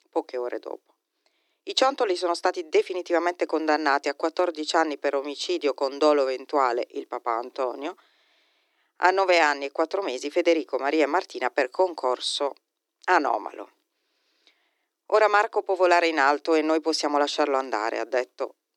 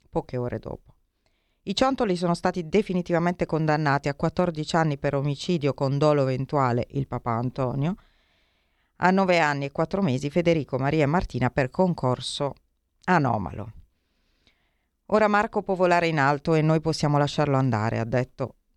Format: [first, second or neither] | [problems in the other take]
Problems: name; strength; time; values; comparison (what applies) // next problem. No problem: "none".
second | thin; very; fading below 300 Hz